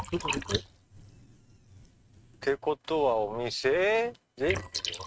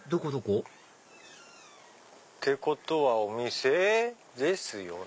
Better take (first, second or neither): second